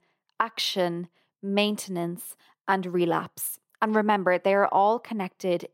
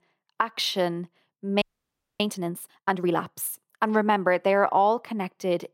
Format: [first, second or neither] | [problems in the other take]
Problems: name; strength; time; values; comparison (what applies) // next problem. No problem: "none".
first | audio freezing; at 1.5 s for 0.5 s